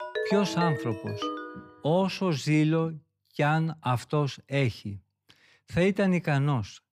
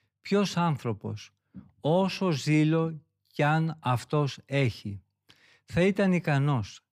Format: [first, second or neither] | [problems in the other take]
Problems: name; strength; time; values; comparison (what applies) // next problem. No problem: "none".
second | phone ringing; noticeable; until 1.5 s; peak 4 dB below the speech